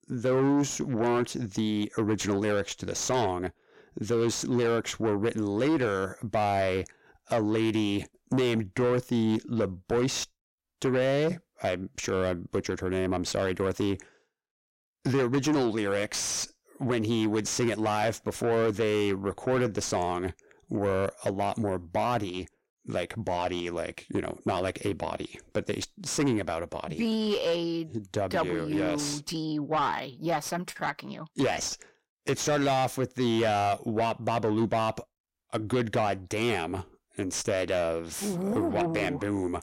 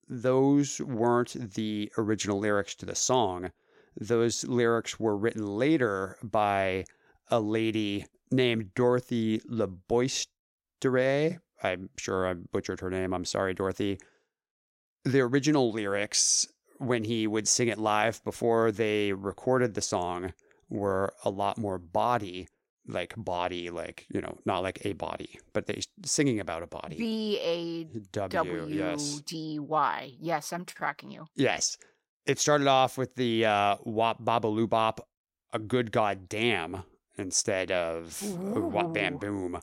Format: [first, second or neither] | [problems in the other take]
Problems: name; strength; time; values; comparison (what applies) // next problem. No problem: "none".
second | distortion; heavy; 8 dB below the speech